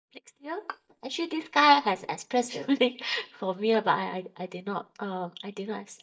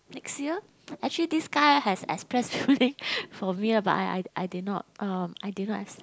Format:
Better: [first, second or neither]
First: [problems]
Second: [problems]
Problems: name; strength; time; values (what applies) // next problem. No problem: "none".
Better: second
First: noise reduction (neural mask model DeepFilterNet 3)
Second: none